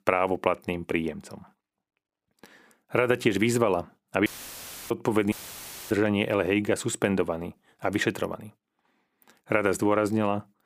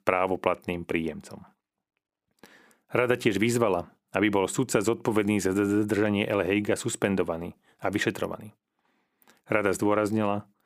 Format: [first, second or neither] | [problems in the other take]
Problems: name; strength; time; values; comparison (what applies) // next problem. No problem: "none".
second | audio cutting out; filled with static; at 4.5 s for 0.5 s and at 5.5 s for 0.5 s